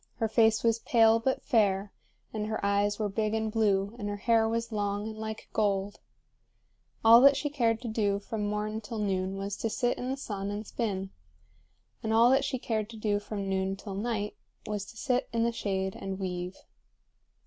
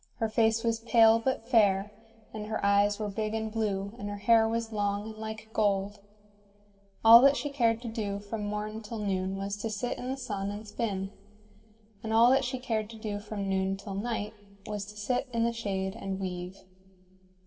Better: first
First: none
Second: room echo; dies away in 2.1 s

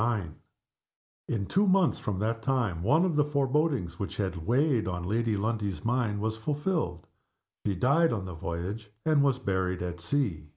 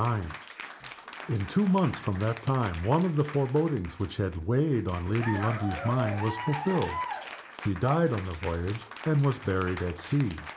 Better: first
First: none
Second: background sound (Applause / Cheering); 12 dB below the speech

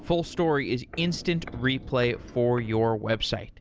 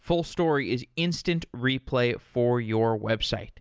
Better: second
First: background sound (Walk, footsteps); 17 dB below the speech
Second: none

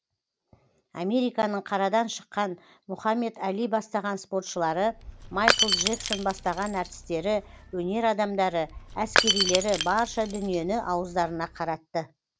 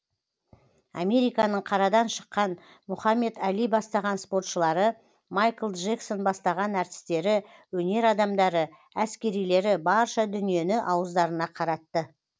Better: second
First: background sound (Shatter / Crushing); 2 dB below the speech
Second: none

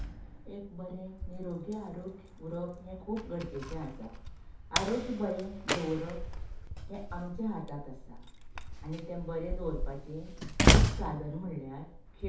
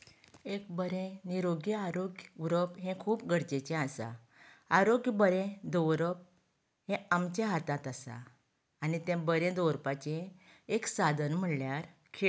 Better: second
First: background sound (Slam); 5 dB above the speech // room echo; dies away in 0.5 s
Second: none

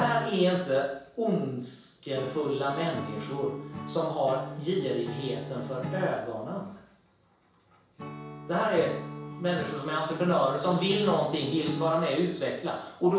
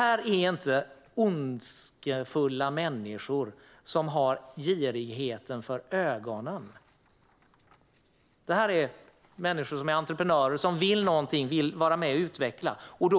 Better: second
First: background sound (Acoustic guitar / Strum); 11 dB below the speech // room echo; dies away in 0.7 s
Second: none

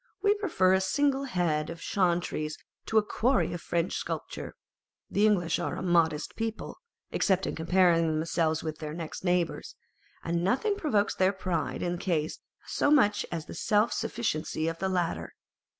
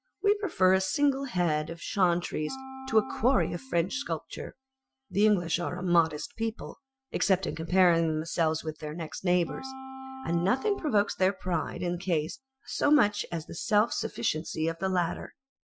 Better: first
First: none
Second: noise reduction (classical method Wiener filter)

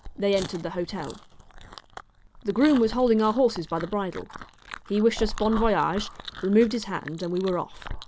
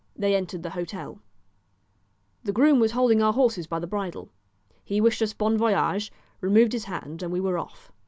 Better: second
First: background sound (Chewing, mastication); 12 dB below the speech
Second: none

